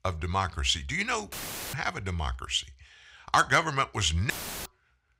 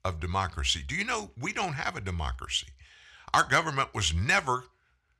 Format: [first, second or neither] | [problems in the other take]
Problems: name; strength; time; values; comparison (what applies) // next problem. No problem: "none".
second | audio cutting out; filled with static; at 1.5 s and at 4.5 s